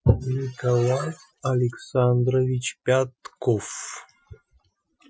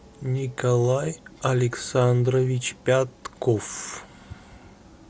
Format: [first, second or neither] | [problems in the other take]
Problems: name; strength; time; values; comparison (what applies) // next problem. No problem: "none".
second | noise reduction (classical method Wiener filter)